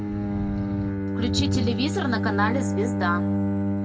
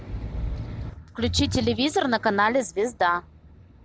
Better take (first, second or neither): second